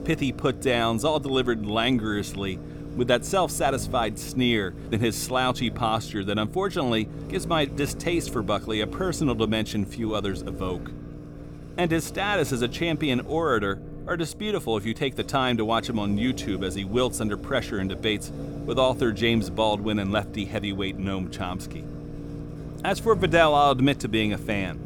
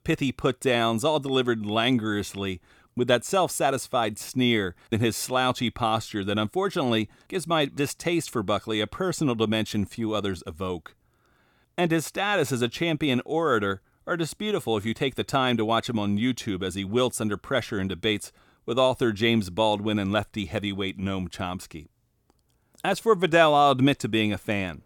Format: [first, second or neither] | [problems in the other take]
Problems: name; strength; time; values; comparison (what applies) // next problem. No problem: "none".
second | low rumble; noticeable; throughout; 15 dB below the speech